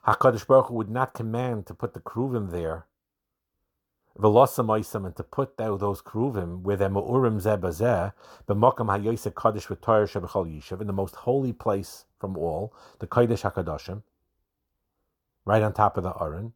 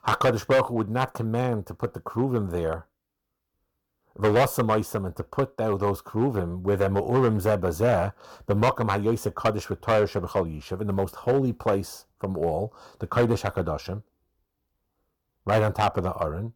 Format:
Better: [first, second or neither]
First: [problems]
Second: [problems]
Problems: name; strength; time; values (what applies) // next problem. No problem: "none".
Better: first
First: none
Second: distortion; heavy; 4% of the sound clipped